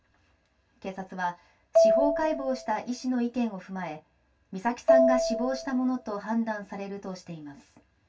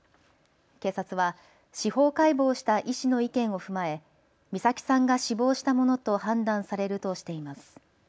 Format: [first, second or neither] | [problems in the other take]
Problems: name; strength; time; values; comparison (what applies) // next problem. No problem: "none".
second | background sound (Marimba, xylophone); 3 dB above the speech // room echo; dies away in 0.1 s